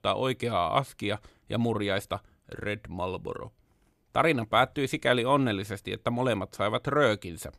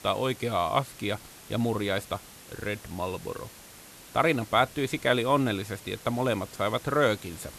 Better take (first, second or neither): first